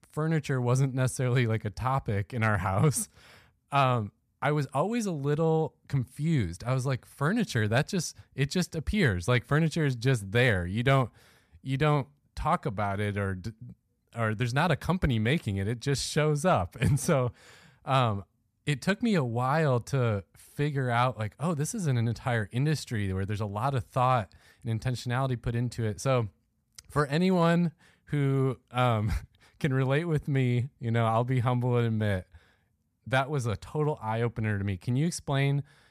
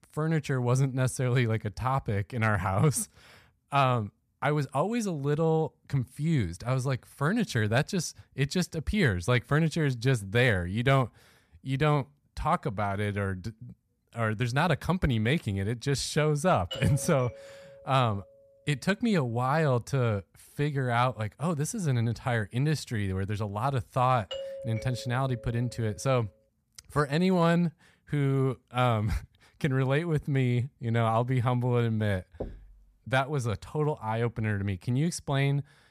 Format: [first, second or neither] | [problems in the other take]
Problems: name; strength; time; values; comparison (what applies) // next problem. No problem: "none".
first | doorbell; noticeable; from 17 to 18 s and from 24 to 26 s; peak 9 dB below the speech // door banging; faint; at 32 s; peak 15 dB below the speech